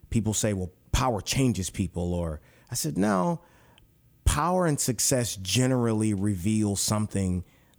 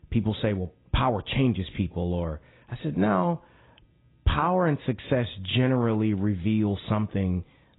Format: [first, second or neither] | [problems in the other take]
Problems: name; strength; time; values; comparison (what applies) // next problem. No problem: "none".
first | garbled, watery; badly; nothing above 4 kHz